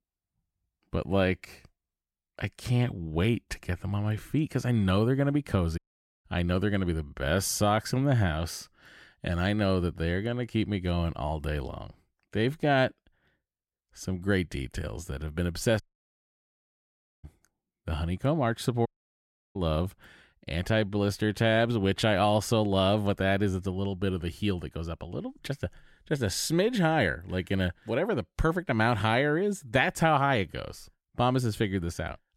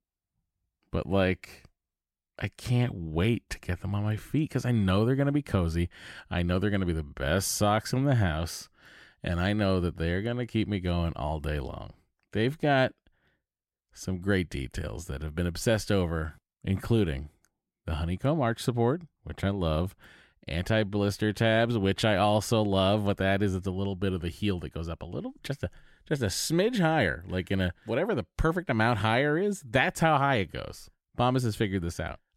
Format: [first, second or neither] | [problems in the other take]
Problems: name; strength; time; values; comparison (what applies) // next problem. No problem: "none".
second | audio cutting out; at 6 s, at 16 s for 1.5 s and at 19 s for 0.5 s